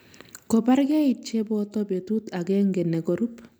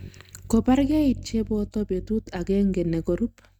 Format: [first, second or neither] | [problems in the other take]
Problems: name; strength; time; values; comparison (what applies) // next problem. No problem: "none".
first | noise reduction (neural mask model RNNoise)